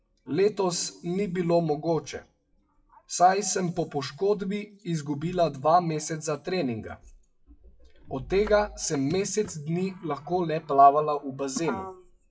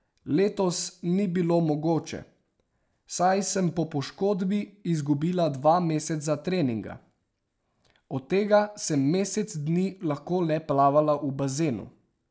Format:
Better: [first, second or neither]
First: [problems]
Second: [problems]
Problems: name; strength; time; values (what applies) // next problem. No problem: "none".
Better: second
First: noise reduction (classical method WPE with log-MMSE)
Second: none